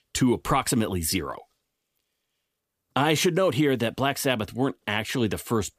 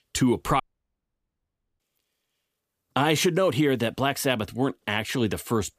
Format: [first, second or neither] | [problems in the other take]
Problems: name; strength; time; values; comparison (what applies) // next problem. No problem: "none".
first | audio cutting out; at 0.5 s for 1 s